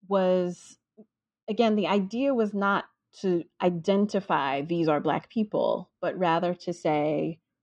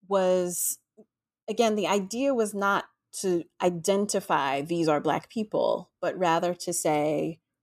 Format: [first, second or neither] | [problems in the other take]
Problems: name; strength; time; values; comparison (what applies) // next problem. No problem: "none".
second | muffled; slightly; fading above 4.5 kHz